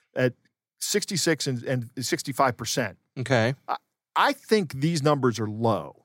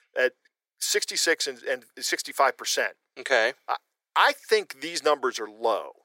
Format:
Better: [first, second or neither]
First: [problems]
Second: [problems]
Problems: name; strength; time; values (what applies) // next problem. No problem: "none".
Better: first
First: none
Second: thin; very; fading below 450 Hz